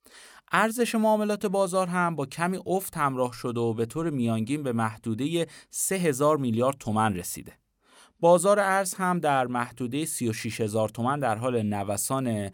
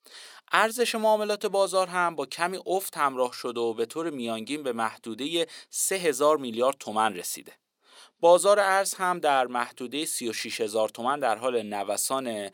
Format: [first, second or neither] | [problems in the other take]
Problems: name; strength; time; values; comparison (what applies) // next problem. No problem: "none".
first | thin; somewhat; fading below 400 Hz